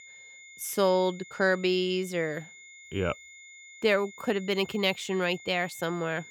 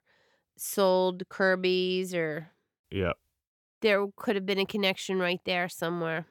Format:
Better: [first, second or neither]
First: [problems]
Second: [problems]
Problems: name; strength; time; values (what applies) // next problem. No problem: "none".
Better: second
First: high-pitched whine; noticeable; throughout; 2 kHz, 20 dB below the speech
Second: none